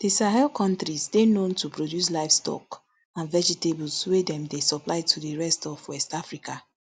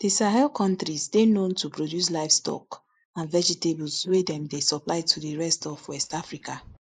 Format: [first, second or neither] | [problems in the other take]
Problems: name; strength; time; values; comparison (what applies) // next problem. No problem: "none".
first | noise reduction (neural mask model Resemble Enhance denoiser)